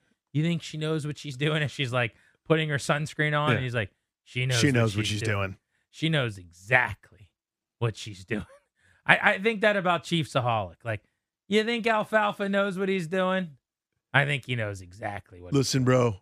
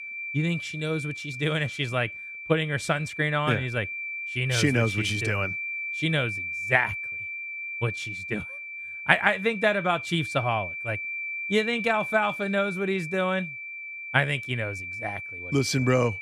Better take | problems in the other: first | high-pitched whine; loud; throughout; 2.5 kHz, 6 dB below the speech

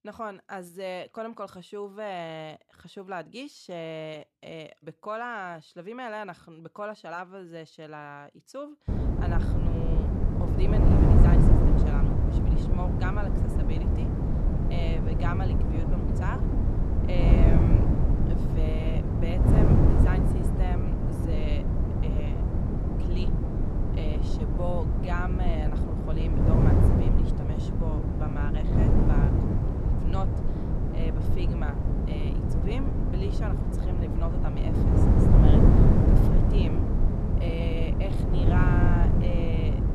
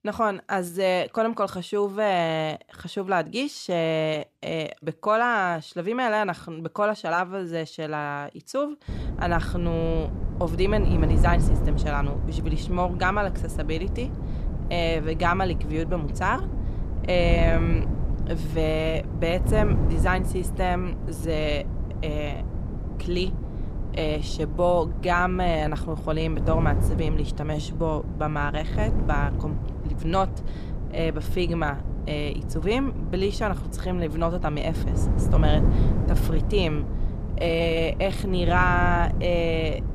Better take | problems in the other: second | wind noise on the microphone; heavy; from 9 s on; 3 dB above the speech; occasional gusts in the second

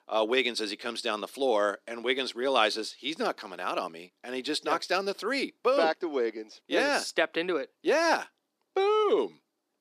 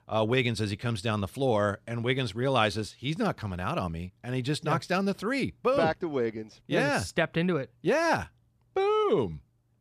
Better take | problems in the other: second | thin; somewhat; fading below 300 Hz

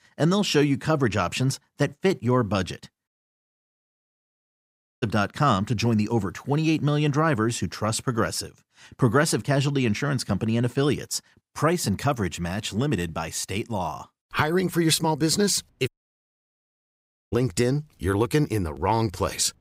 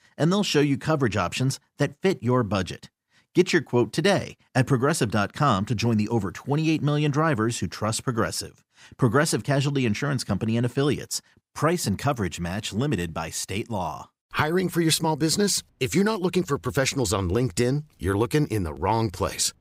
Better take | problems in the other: second | audio cutting out; at 3 s for 2 s and at 16 s for 1.5 s

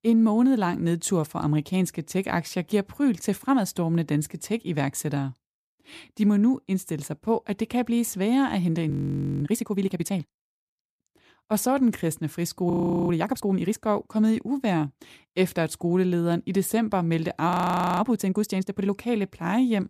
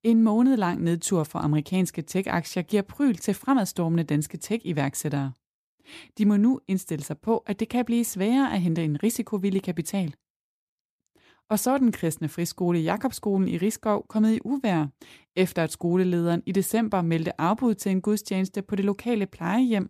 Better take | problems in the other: second | audio freezing; at 9 s for 0.5 s, at 13 s and at 18 s for 0.5 s

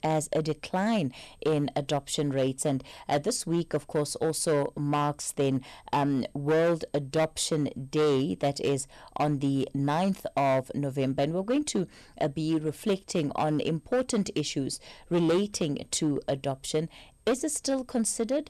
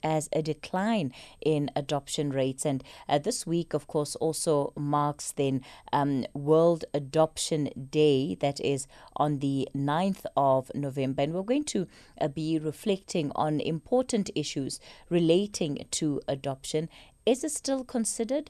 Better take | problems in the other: second | distortion; slight; 7% of the sound clipped

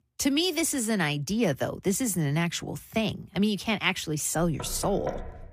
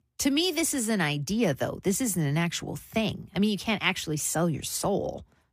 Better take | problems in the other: second | door banging; faint; from 4.5 s on; peak 10 dB below the speech

